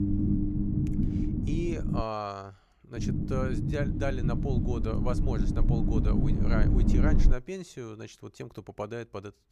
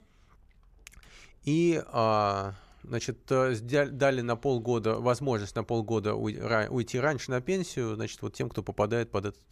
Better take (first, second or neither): second